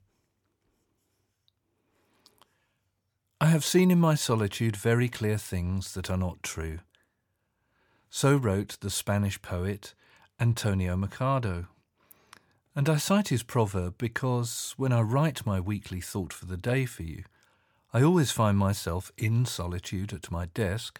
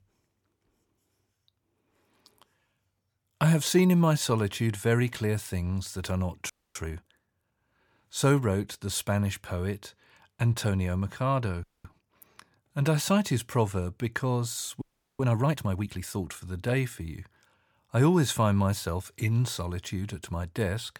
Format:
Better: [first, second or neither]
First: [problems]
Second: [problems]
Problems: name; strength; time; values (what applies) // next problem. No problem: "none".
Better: first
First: none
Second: audio freezing; at 6.5 s, at 12 s and at 15 s